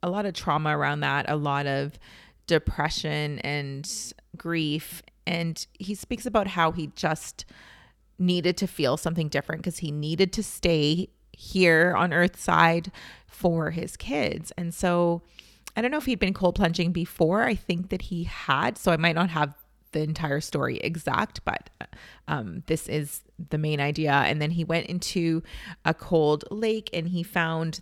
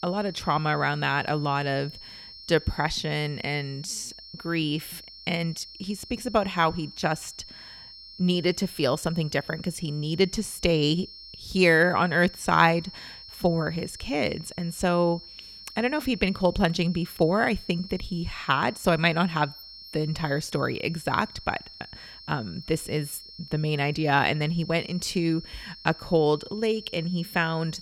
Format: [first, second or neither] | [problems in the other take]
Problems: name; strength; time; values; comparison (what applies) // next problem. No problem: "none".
first | high-pitched whine; noticeable; throughout; 5.5 kHz, 15 dB below the speech